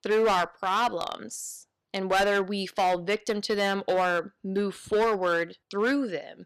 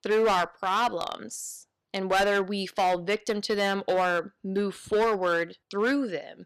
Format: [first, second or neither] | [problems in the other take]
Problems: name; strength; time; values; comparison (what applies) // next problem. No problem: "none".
neither | distortion; heavy; 8% of the sound clipped; the same in both